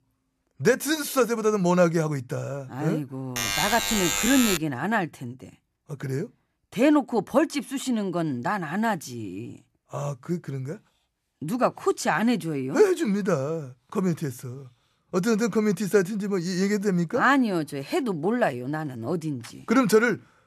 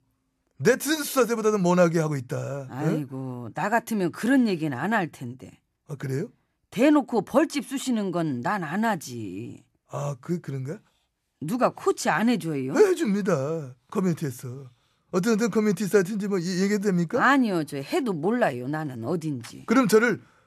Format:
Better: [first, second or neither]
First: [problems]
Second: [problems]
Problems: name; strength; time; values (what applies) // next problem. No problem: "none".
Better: second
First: alarm; loud; from 3.5 to 4.5 s; peak 2 dB above the speech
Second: none